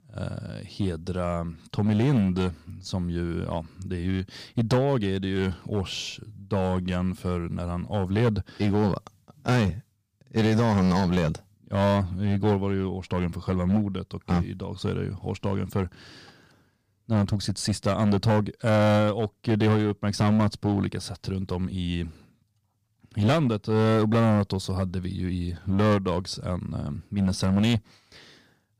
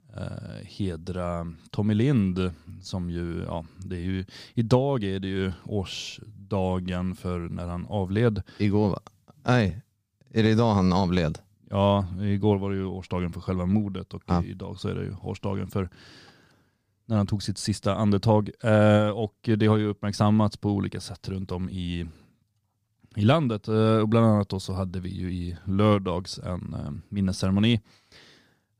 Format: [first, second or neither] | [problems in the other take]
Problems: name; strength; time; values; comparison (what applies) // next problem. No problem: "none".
second | distortion; slight; 6% of the sound clipped